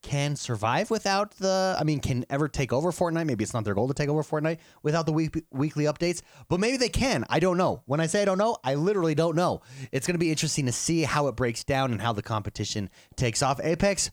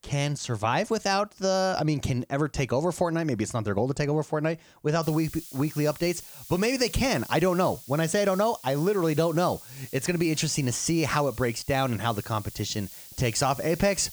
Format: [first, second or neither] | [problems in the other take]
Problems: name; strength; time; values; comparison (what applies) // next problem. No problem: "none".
first | hiss; noticeable; from 5 s on; 15 dB below the speech